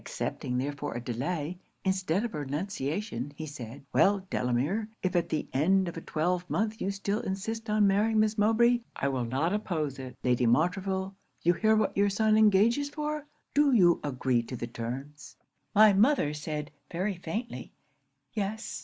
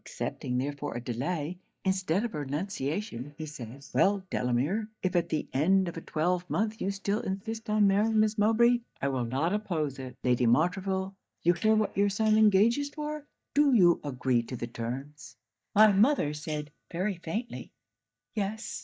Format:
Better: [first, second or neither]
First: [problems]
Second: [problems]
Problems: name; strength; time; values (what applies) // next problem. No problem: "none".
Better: first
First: none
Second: noise reduction (neural mask model DeepFilterNet 3)